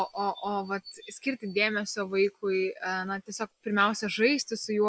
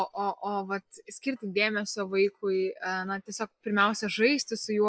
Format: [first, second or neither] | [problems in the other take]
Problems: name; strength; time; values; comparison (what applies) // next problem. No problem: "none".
first | noise reduction (neural mask model DeepFilterNet 3)